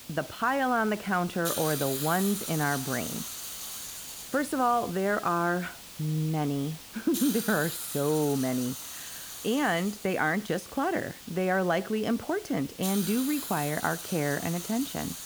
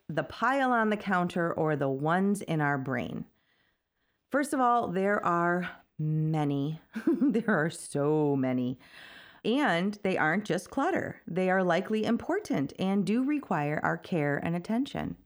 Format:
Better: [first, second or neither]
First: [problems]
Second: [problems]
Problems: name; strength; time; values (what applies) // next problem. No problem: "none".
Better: second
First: hiss; loud; throughout; 8 dB below the speech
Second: none